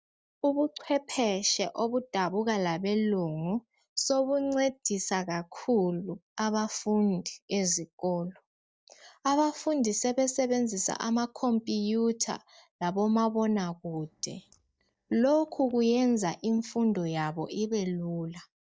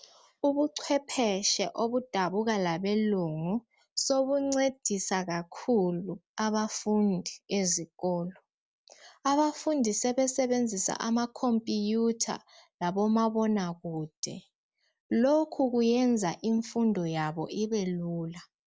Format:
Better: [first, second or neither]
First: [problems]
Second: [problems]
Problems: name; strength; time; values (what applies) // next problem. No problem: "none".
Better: second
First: noise reduction (neural mask model DeepFilterNet 3)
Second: none